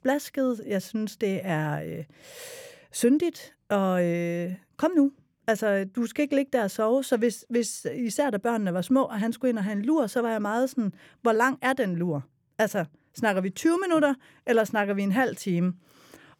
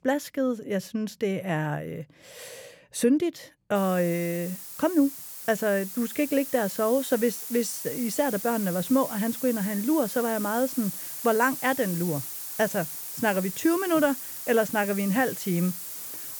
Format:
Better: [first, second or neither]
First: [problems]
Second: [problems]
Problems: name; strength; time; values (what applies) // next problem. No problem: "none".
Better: first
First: none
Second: hiss; loud; from 4 s on; 7 dB below the speech